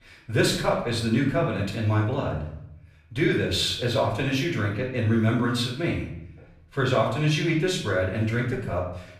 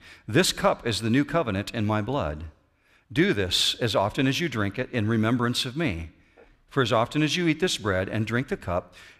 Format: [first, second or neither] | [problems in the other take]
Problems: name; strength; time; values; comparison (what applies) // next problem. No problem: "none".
second | off-mic speech; far // room echo; noticeable; dies away in 0.7 s